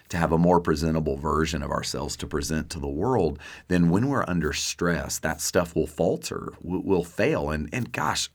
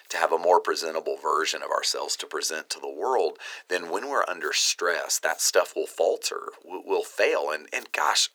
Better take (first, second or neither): first